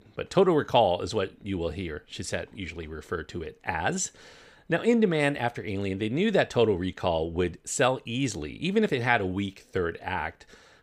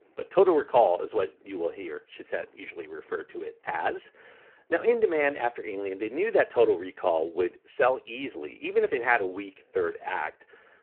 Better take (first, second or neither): first